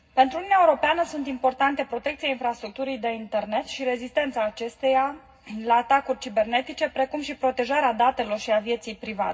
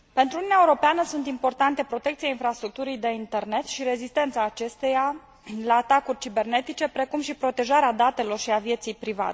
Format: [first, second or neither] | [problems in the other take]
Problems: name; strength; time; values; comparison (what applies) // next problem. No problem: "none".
second | room echo; dies away in 0.4 s